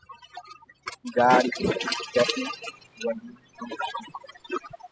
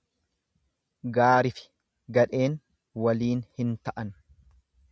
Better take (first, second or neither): second